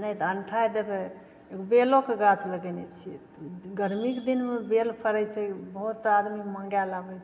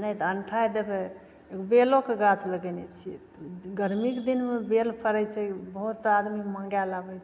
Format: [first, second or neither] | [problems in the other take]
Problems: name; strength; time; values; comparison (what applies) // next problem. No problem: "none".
second | room echo; dies away in 2 s